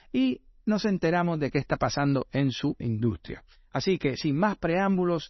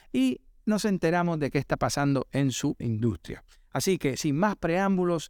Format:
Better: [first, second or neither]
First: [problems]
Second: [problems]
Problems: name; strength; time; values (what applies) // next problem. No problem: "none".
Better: second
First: garbled, watery; slightly; nothing above 6 kHz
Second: none